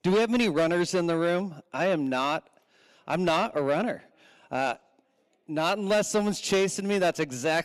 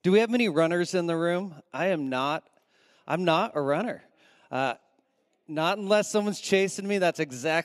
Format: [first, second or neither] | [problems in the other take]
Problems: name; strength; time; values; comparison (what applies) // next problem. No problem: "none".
second | distortion; slight; 10 dB below the speech